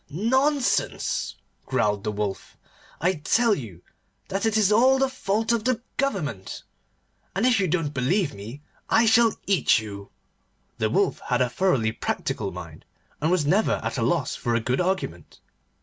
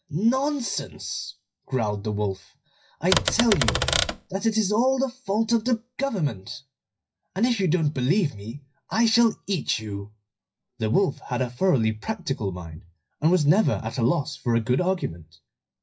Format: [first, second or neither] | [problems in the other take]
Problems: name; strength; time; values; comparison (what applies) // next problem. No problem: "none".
first | noise reduction (classical method WPE with log-MMSE)